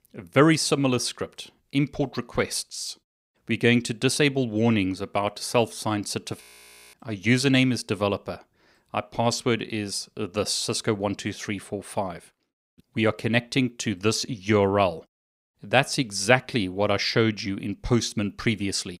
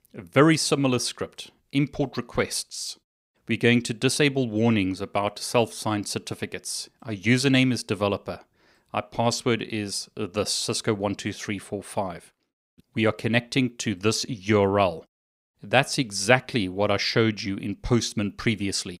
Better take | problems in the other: second | audio freezing; at 6.5 s for 0.5 s

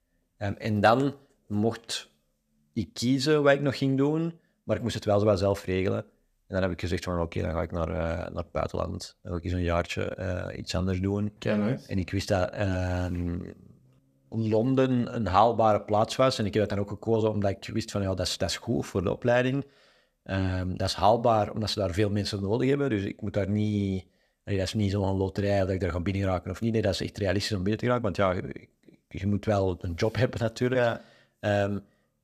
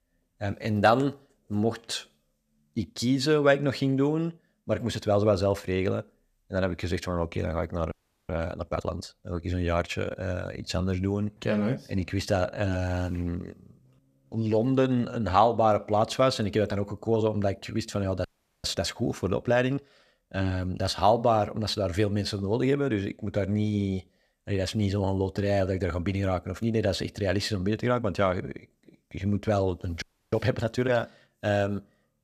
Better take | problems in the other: first | audio freezing; at 8 s, at 18 s and at 30 s

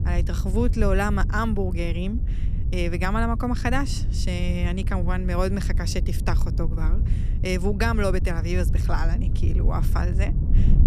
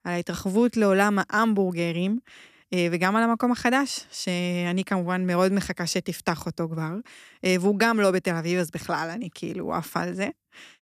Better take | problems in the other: second | wind noise on the microphone; occasional gusts; 10 dB below the speech

